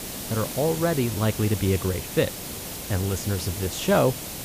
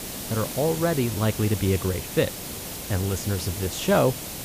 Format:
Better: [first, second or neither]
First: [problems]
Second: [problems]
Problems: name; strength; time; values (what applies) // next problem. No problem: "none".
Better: neither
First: hiss; loud; throughout; 7 dB below the speech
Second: hiss; loud; throughout; 7 dB below the speech